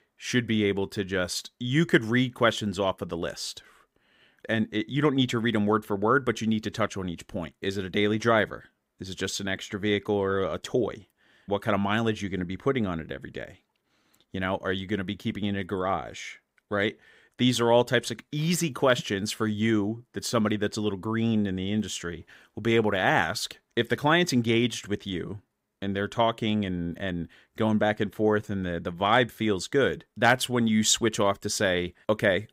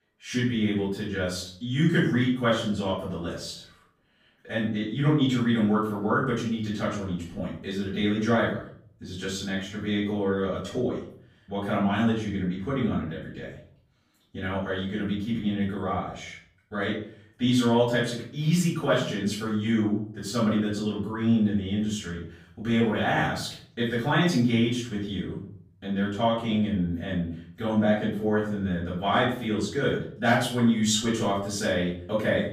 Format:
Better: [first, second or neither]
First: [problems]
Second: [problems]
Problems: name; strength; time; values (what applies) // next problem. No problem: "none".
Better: first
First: none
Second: room echo; noticeable; dies away in 0.5 s // off-mic speech; far